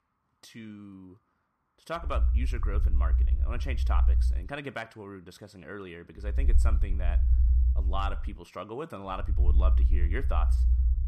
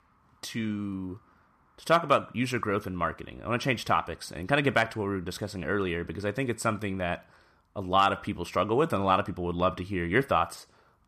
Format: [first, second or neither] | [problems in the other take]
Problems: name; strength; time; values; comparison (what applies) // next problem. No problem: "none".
second | low rumble; loud; from 2 to 4.5 s, from 6.5 to 8 s and from 9 s on; 9 dB below the speech